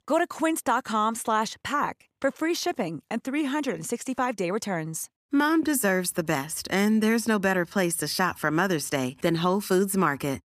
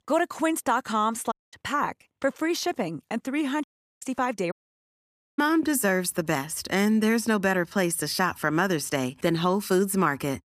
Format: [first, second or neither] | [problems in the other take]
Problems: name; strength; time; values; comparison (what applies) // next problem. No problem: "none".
first | audio cutting out; at 1.5 s, at 3.5 s and at 4.5 s for 1 s